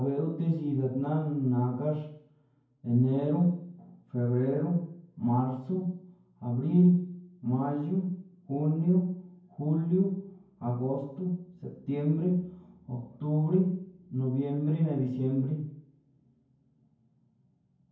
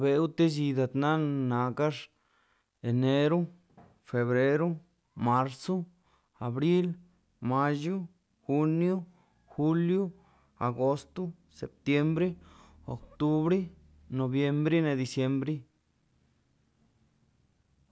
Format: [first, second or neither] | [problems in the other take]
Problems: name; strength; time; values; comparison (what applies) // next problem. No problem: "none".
second | room echo; dies away in 0.9 s